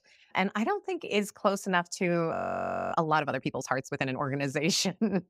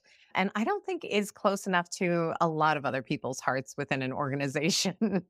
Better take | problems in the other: second | audio freezing; at 2.5 s for 0.5 s

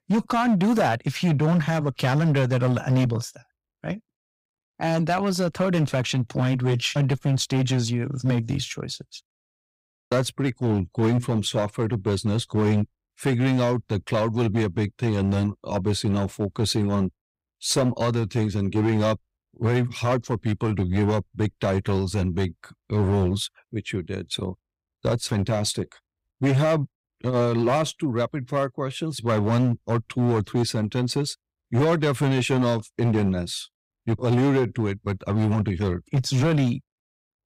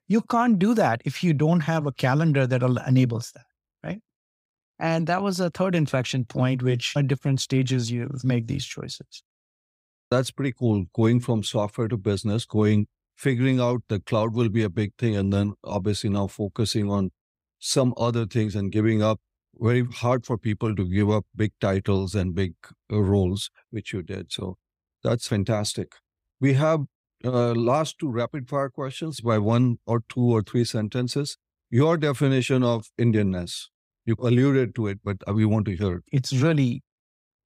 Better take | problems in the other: second | distortion; slight; 9% of the sound clipped

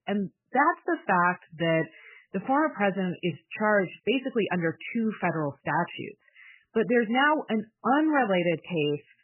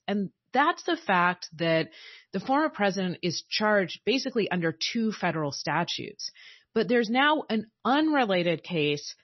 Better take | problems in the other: second | garbled, watery; badly; nothing above 3 kHz; slightly in the second

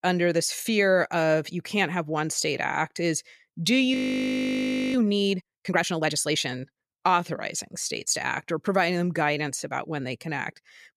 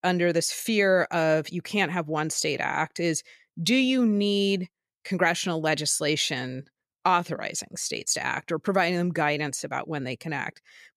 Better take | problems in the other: second | audio freezing; at 4 s for 1 s

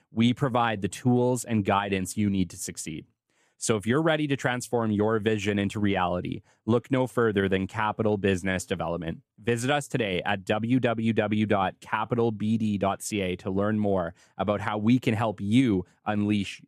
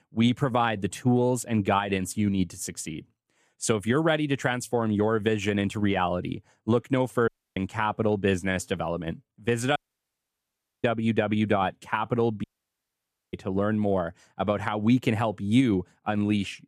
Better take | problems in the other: first | audio cutting out; at 7.5 s, at 10 s for 1 s and at 12 s for 1 s

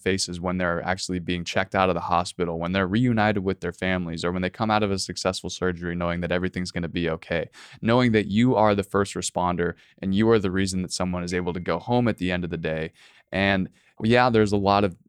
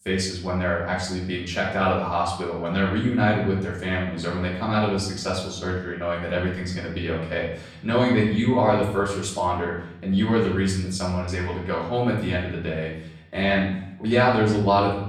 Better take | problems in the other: first | room echo; noticeable; dies away in 0.8 s // off-mic speech; far

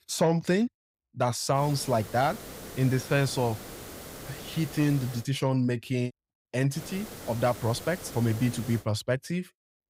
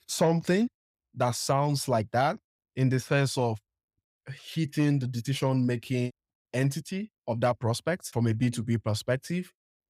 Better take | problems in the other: second | hiss; noticeable; from 1.5 to 5 s and from 7 to 9 s; 15 dB below the speech

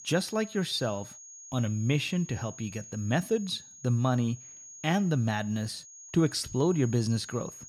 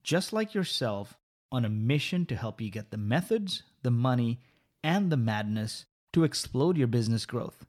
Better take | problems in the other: second | high-pitched whine; noticeable; throughout; 6.5 kHz, 15 dB below the speech

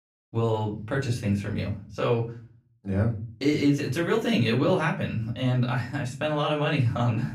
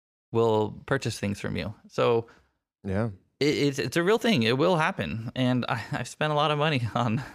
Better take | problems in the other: second | off-mic speech; far // room echo; very slight; dies away in 0.5 s

